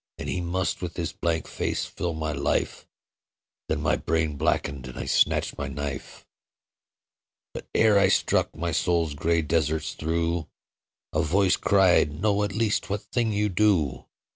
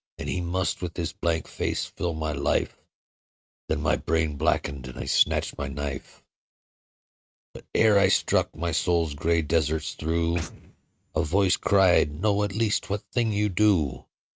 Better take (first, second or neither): first